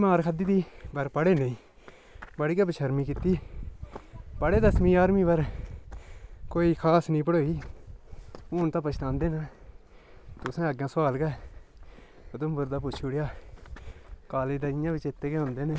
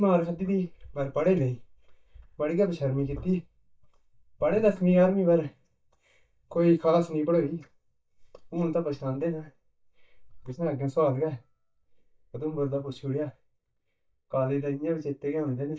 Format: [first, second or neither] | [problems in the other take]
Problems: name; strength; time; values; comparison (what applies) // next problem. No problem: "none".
first | noise reduction (neural mask model DeepFilterNet 3)